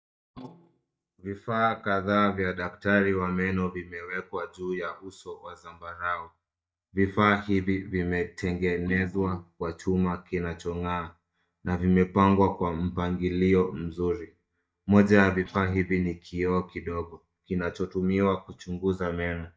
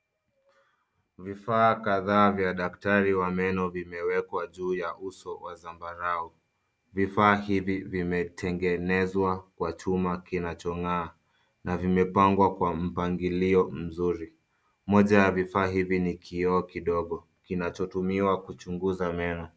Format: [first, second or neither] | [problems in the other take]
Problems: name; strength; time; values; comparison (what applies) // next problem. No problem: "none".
second | noise reduction (neural mask model DeepFilterNet 3)